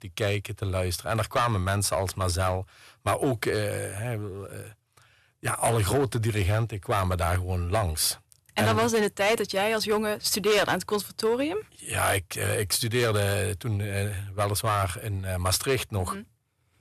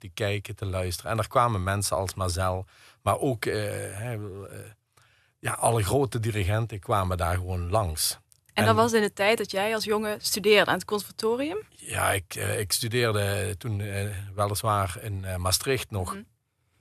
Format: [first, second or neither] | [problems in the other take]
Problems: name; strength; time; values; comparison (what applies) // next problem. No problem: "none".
second | distortion; slight; 5% of the sound clipped